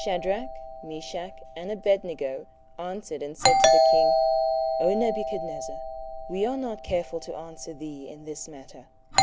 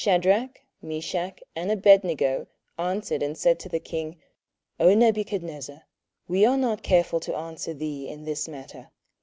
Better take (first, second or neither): second